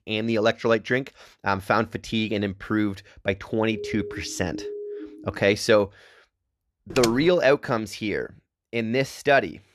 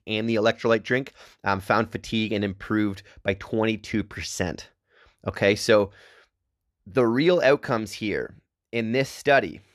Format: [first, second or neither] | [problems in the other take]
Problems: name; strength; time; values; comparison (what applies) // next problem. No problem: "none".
second | siren; faint; from 3.5 to 5.5 s; peak 10 dB below the speech // keyboard typing; noticeable; at 7 s; peak 5 dB below the speech